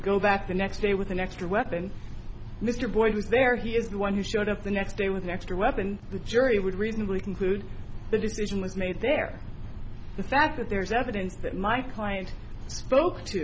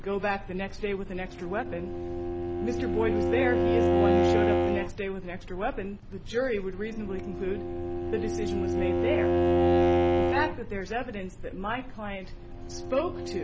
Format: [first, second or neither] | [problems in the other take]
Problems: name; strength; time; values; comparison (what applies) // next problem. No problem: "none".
first | background sound (Bowed string instrument); 4 dB above the speech